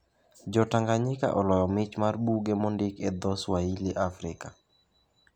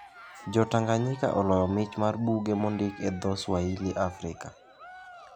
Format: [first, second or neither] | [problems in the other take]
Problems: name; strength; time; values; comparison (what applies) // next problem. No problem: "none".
first | background sound (Cheering); 18 dB below the speech